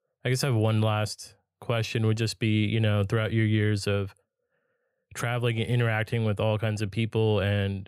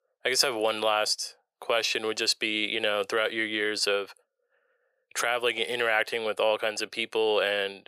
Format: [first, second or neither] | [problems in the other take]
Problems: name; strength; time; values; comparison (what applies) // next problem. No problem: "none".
first | thin; very; fading below 450 Hz